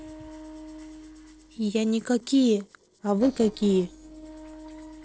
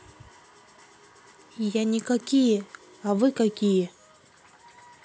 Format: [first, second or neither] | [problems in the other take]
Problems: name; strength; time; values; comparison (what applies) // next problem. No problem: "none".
second | noise reduction (neural separator model SepFormer DNS4)